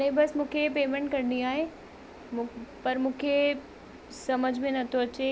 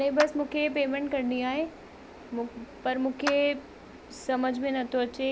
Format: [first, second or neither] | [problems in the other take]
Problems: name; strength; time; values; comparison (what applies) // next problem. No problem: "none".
first | background sound (Clapping); 11 dB below the speech